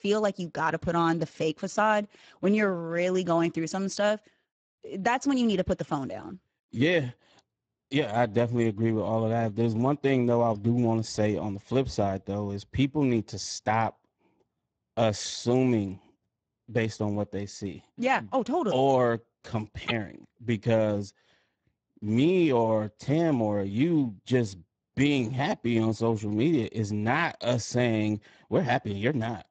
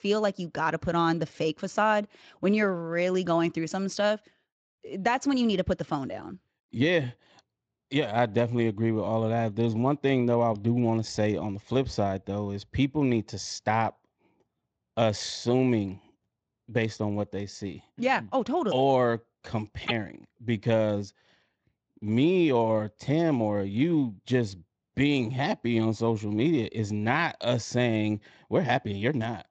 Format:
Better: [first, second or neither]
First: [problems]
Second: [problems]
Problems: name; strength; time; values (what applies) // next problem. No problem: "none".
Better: second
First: garbled, watery; badly; nothing above 7.5 kHz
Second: garbled, watery; slightly; nothing above 7.5 kHz